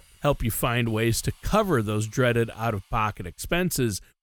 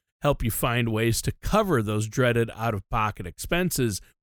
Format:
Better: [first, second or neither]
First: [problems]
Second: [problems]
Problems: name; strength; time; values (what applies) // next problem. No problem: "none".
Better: second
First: hiss; faint; throughout; 30 dB below the speech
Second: none